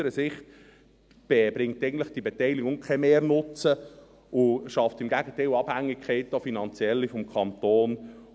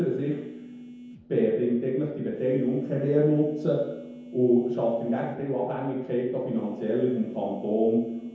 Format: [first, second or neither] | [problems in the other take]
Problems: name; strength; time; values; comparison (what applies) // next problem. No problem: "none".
first | background sound (Telephone); 18 dB below the speech // room echo; dies away in 0.9 s